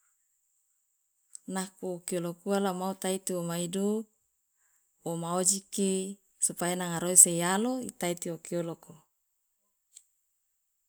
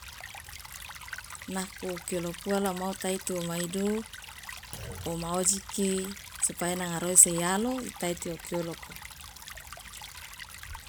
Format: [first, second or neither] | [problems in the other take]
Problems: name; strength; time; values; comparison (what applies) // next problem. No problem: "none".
first | background sound (Stream / Trickle, dribble + Thump, thud); 12 dB below the speech